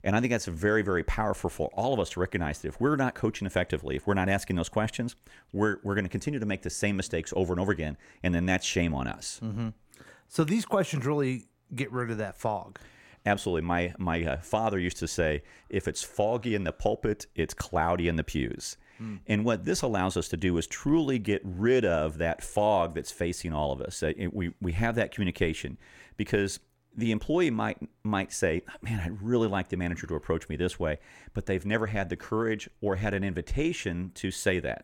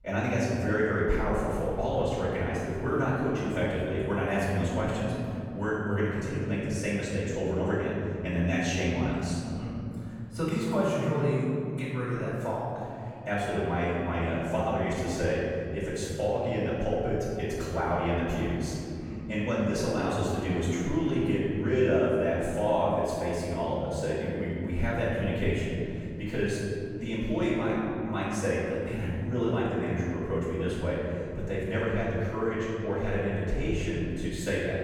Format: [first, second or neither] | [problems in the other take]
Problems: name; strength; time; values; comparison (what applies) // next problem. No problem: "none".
first | off-mic speech; far // room echo; strong; dies away in 3 s